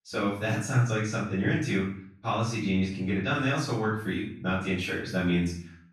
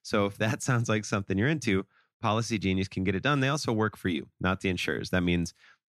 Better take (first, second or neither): second